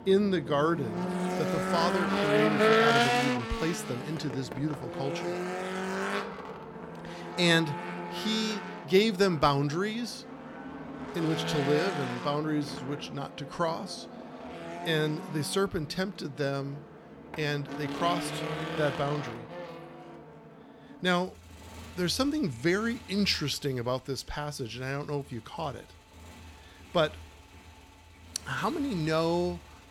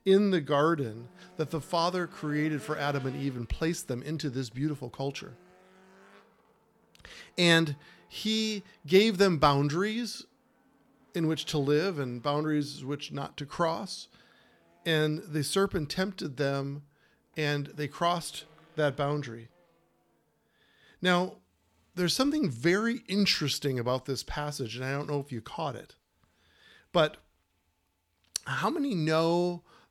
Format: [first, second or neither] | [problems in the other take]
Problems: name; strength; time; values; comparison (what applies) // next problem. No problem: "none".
second | traffic noise; loud; throughout; 2 dB below the speech; faint in the second